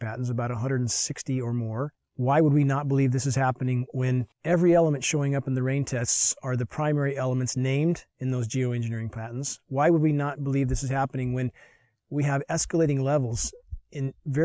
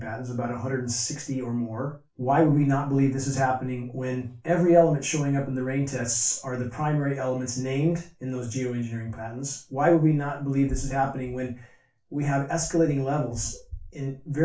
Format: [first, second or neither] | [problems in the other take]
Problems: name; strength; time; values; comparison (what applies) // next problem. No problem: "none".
first | room echo; dies away in 0.3 s